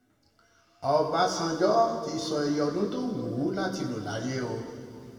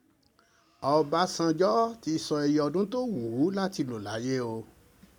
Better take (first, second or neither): second